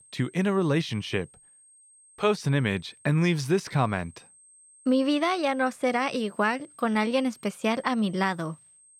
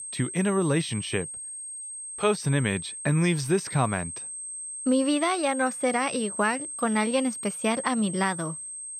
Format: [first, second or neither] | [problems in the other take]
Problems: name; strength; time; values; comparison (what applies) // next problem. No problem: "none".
first | high-pitched whine; loud; throughout; 8.5 kHz, 8 dB below the speech; faint in the first